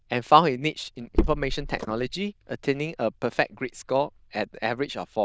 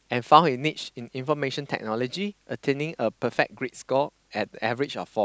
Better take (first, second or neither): second